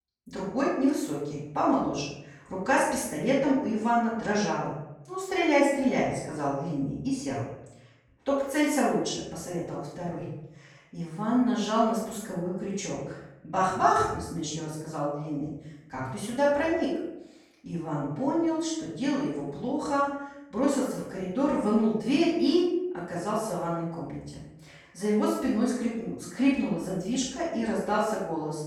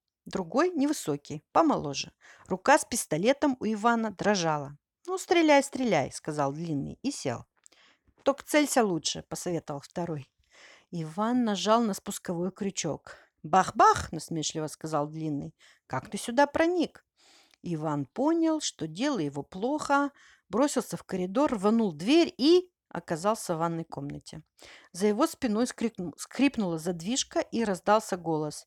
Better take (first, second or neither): second